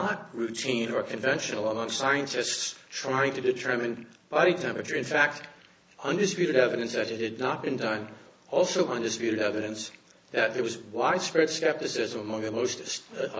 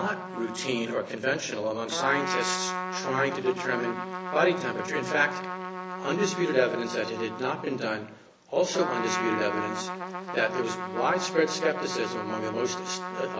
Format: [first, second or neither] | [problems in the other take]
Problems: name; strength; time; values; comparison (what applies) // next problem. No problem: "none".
first | background sound (Trumpet); 6 dB below the speech